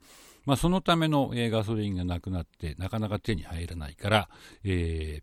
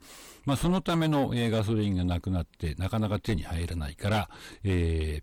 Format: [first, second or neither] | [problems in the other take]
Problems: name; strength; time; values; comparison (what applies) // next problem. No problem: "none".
first | distortion; heavy; 8 dB below the speech